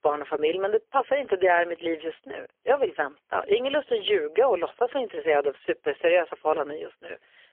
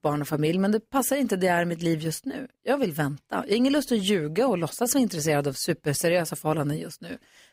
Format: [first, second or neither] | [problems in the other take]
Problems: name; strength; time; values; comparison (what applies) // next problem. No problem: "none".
second | phone-call audio; poor line; nothing above 3.5 kHz